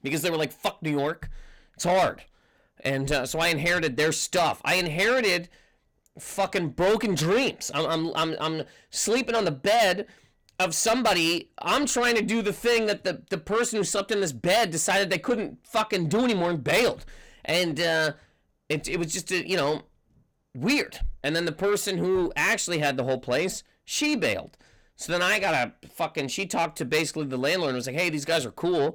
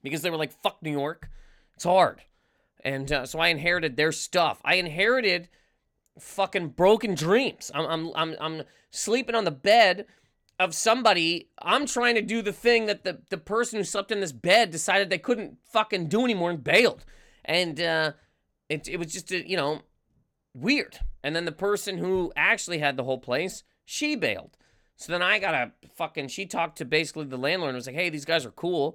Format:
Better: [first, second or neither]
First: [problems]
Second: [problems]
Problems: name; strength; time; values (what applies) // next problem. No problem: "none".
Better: second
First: distortion; heavy; 7 dB below the speech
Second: none